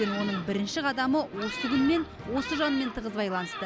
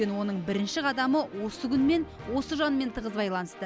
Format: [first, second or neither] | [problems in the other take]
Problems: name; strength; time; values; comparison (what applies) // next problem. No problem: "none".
second | background sound (Thunderstorm); 10 dB below the speech